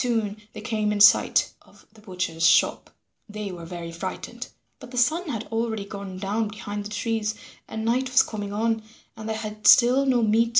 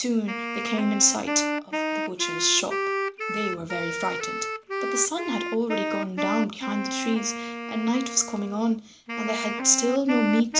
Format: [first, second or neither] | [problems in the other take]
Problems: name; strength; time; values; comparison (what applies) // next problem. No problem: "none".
first | background sound (Wind instrument, woodwind instrument); 3 dB below the speech